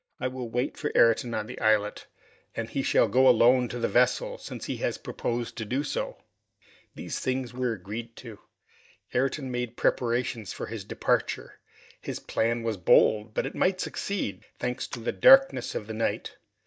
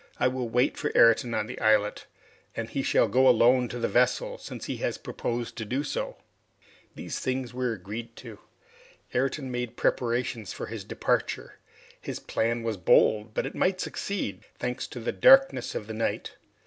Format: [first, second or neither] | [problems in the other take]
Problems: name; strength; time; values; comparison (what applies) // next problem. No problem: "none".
second | noise reduction (neural mask model DeepFilterNet 3)